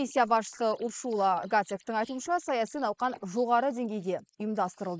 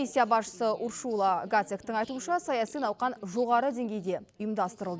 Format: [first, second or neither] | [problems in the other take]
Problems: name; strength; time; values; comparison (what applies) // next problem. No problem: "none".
second | noise reduction (neural mask model Resemble Enhance denoiser)